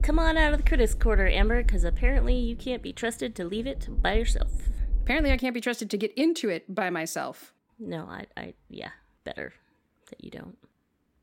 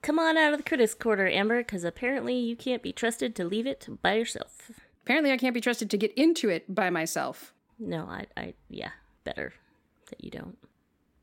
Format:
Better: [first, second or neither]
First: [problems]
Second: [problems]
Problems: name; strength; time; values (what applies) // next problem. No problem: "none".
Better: second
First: low rumble; faint; until 5.5 s; 20 dB below the speech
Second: none